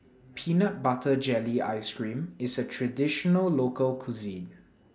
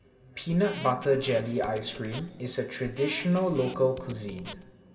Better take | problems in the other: first | background sound (Squeak); 17 dB below the speech // room echo; dies away in 1.8 s

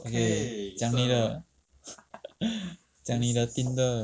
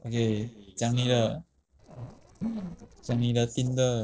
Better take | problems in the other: first | noise reduction (neural separator model SepFormer DNS4)

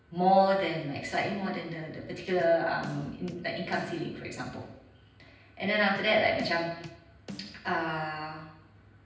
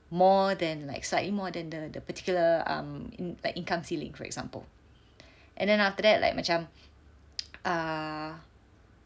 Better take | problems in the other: second | background sound (Bass drum / Snare drum); 16 dB below the speech // room echo; dies away in 0.9 s

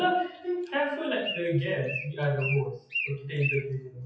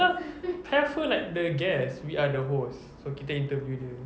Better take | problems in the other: second | noise reduction (classical method WPE with log-MMSE)

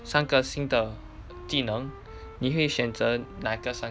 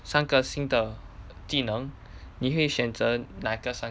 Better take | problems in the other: second | background sound (Wind instrument, woodwind instrument); 19 dB below the speech

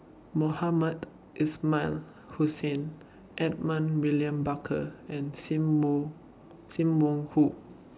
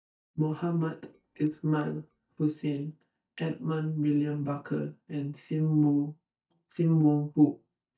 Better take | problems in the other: first | noise reduction (neural mask model DeepFilterNet 3)

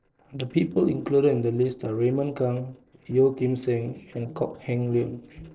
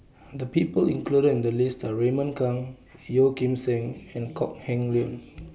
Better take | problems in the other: second | noise reduction (neural separator model SepFormer DNS4)

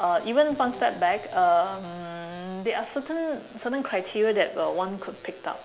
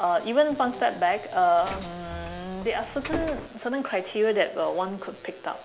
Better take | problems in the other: first | background sound (Bus); 11 dB below the speech

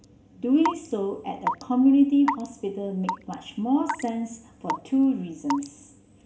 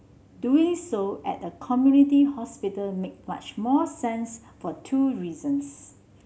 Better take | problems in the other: second | background sound (Raindrop / Drip / Water tap, faucet); 10 dB below the speech // room echo; dies away in 0.5 s

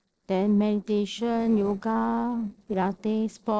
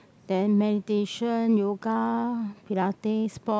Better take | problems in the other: second | noise reduction (neural separator model SepFormer DNS4)

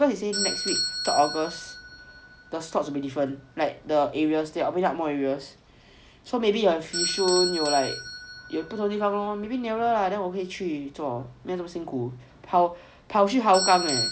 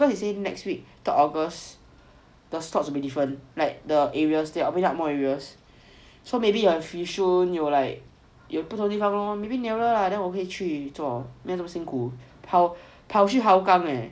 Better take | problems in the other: second | background sound (Bell / Doorbell); 8 dB below the speech

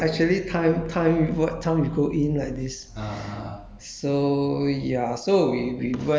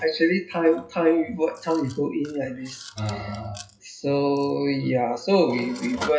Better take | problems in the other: first | noise reduction (classical method WPE with log-MMSE)

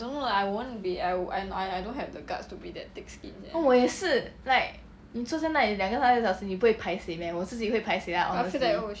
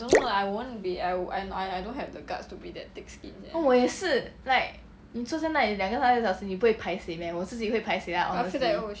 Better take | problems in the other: first | background sound (Drip / Splash, splatter); 3 dB below the speech

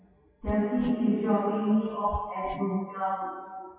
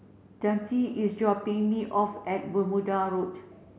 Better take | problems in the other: second | noise reduction (classical method WPE with log-MMSE)

